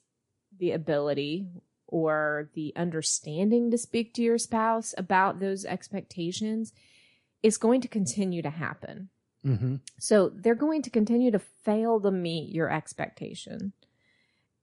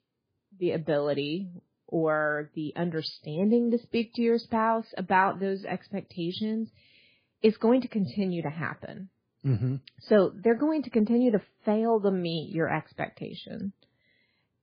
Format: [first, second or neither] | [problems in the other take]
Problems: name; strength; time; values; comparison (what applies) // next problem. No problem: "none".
first | garbled, watery; badly; slightly in the first